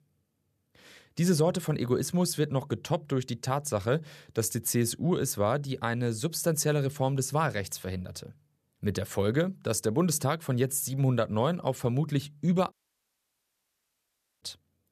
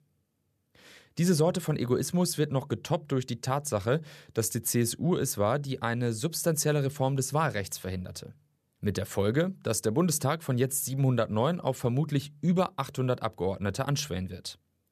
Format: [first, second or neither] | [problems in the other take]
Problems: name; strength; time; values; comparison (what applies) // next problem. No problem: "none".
second | audio cutting out; at 13 s for 1.5 s